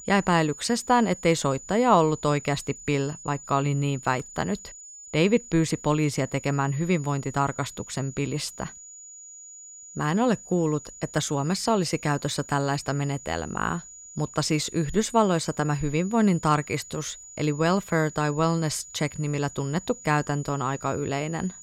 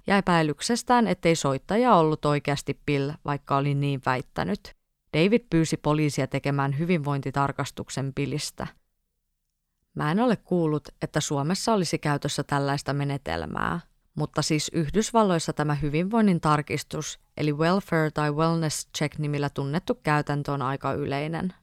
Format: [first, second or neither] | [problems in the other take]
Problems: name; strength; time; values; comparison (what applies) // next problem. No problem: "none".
second | high-pitched whine; noticeable; throughout; 7 kHz, 15 dB below the speech